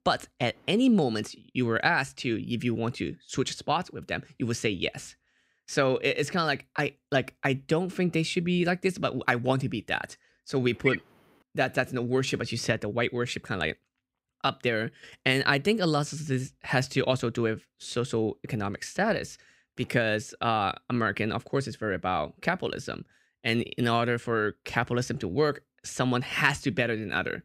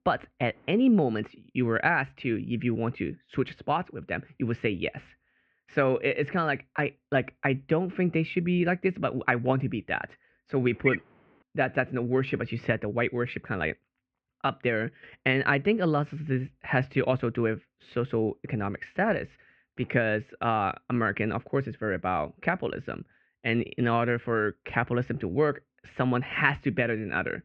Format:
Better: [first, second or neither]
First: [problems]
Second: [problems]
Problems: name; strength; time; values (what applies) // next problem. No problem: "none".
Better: first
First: none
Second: muffled; very; fading above 2.5 kHz